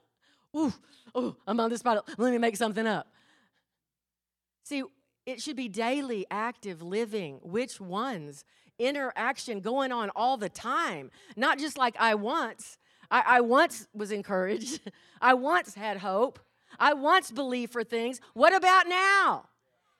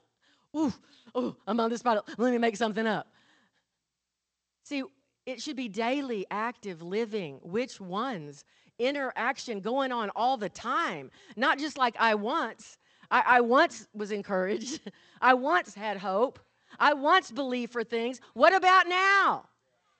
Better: first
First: none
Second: garbled, watery; slightly; nothing above 8 kHz

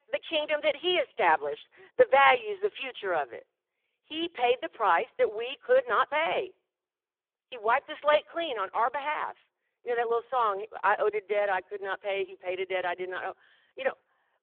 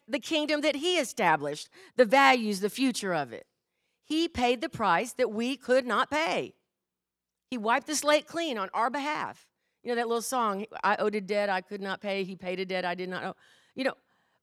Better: second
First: phone-call audio; poor line; nothing above 3.5 kHz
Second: none

